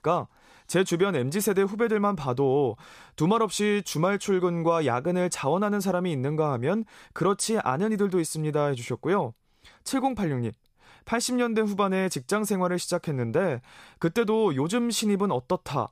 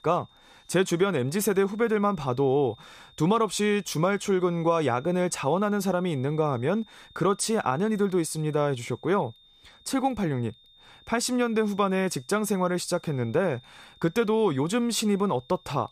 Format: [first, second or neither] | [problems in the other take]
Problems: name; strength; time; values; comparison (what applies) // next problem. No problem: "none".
first | high-pitched whine; faint; throughout; 3.5 kHz, 30 dB below the speech